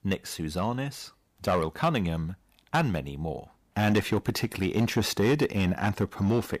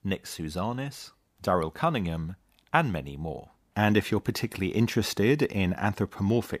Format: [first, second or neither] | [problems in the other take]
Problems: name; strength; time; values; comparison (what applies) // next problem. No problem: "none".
second | distortion; slight; 4% of the sound clipped